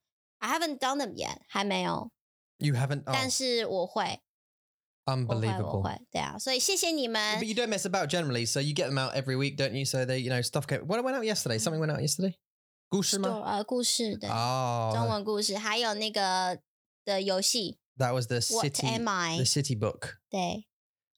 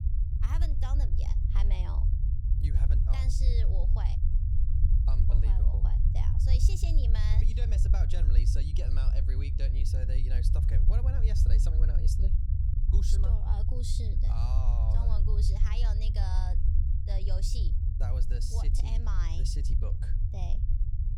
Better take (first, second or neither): first